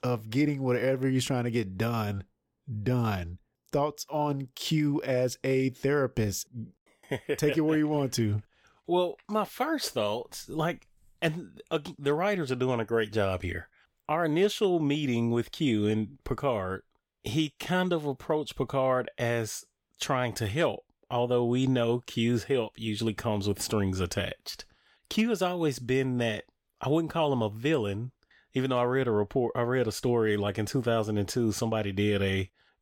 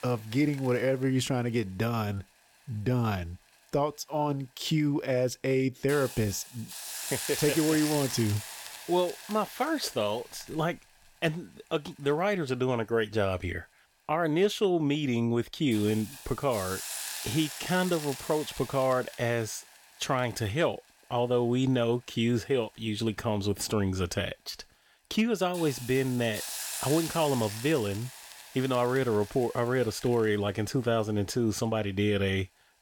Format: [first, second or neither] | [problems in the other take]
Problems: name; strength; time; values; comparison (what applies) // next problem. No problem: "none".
first | hiss; loud; throughout; 9 dB below the speech